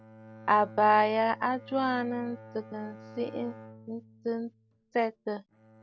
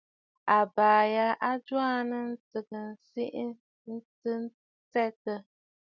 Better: second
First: background sound (Bowed string instrument); 19 dB below the speech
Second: none

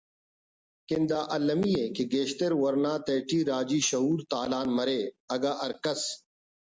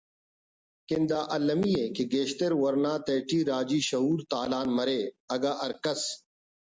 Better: second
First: background sound (Tambourine); 12 dB below the speech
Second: none

